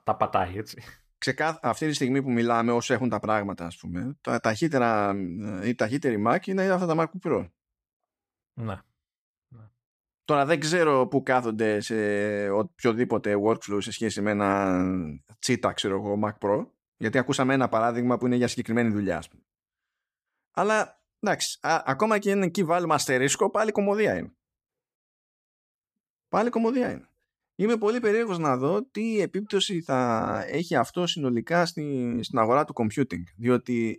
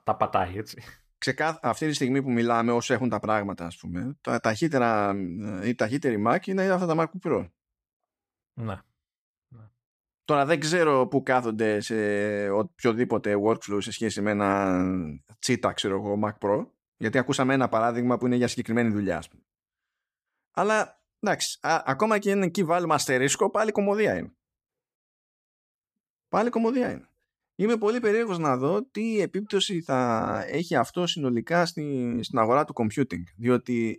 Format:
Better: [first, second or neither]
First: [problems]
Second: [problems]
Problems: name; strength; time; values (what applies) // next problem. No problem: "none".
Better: neither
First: none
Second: none